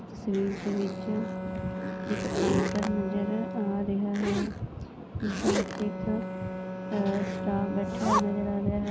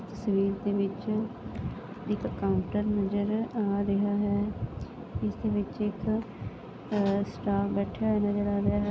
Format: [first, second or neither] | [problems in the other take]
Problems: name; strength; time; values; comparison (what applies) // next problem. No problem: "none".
second | background sound (Zipper (clothing) + Bowed string instrument); 3 dB below the speech